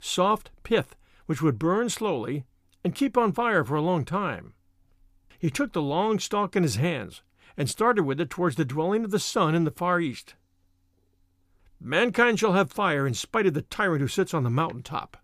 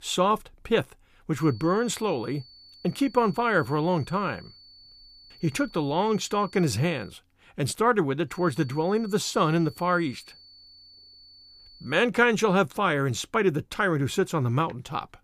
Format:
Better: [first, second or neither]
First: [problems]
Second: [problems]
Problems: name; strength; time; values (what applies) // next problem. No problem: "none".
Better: first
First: none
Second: high-pitched whine; faint; from 1.5 to 7 s and from 8.5 to 12 s; 4.5 kHz, 25 dB below the speech